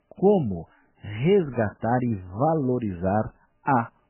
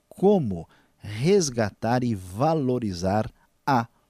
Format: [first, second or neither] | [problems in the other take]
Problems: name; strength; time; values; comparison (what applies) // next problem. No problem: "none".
second | garbled, watery; badly; nothing above 3 kHz